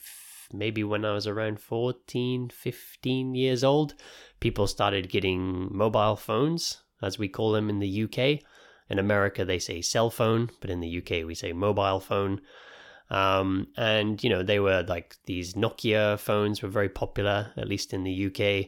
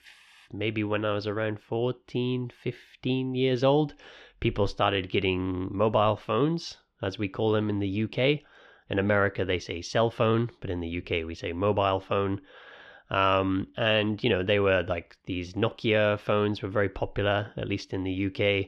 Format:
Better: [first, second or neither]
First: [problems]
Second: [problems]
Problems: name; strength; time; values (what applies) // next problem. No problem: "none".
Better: first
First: none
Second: muffled; slightly; fading above 3 kHz